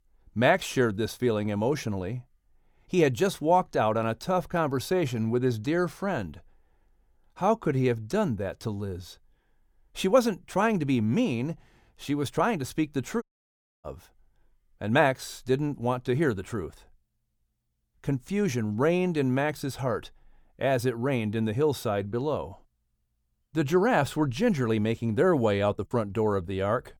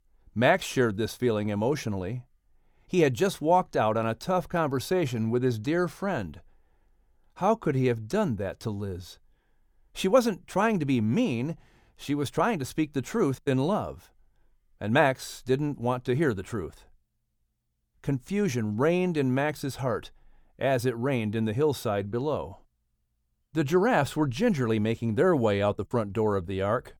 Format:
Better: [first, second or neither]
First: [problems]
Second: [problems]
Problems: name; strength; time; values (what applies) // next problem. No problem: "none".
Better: second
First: audio cutting out; at 13 s for 0.5 s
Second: none